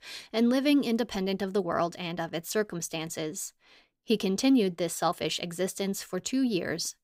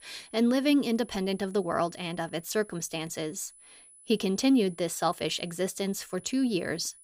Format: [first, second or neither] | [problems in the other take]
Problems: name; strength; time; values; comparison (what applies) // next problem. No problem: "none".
first | high-pitched whine; faint; throughout; 10 kHz, 25 dB below the speech